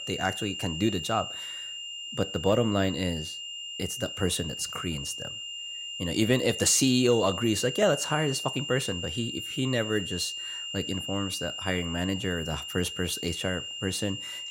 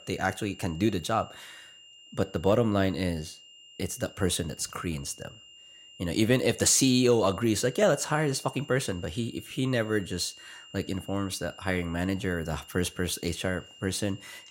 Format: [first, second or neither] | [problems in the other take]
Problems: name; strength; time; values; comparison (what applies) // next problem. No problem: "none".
second | high-pitched whine; loud; throughout; 3 kHz, 6 dB below the speech; faint in the second